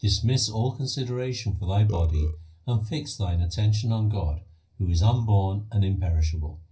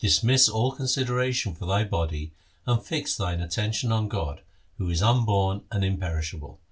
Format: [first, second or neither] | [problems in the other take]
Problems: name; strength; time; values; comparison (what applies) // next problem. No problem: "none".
second | background sound (Burping, eructation); 20 dB below the speech // room echo; dies away in 0.4 s